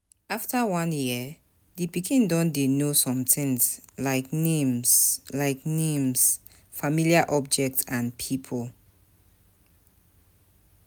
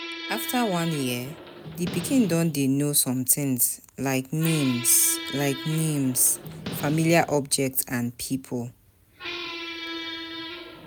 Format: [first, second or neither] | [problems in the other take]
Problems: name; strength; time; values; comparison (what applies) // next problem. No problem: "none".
first | background sound (Squeak); 12 dB below the speech